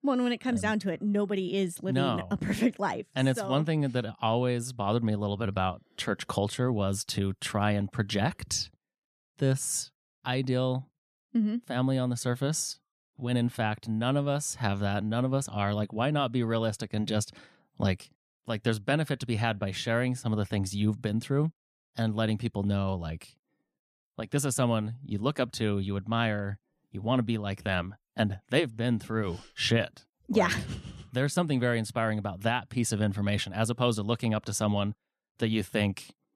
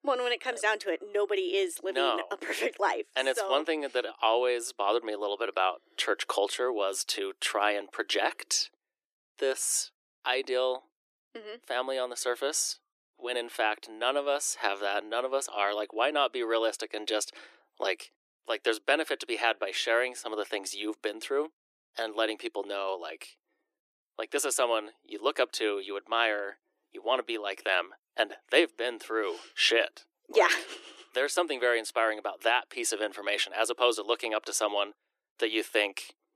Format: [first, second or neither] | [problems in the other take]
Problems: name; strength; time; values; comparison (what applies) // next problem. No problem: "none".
first | thin; very; fading below 300 Hz